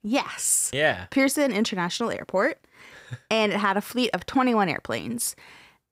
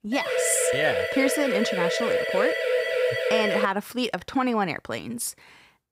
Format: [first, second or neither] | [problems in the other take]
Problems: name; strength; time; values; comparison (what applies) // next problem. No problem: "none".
first | siren; loud; until 3.5 s; peak 3 dB above the speech